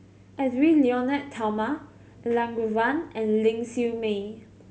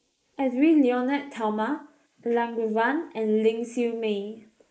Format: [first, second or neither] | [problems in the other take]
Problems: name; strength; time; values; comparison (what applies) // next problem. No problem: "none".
first | noise reduction (neural mask model Resemble Enhance denoiser)